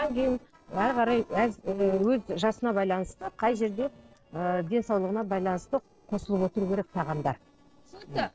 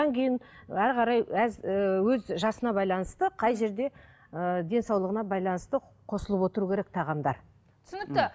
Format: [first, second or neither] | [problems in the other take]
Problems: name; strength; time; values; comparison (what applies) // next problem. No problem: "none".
second | noise reduction (neural separator model SepFormer DNS4)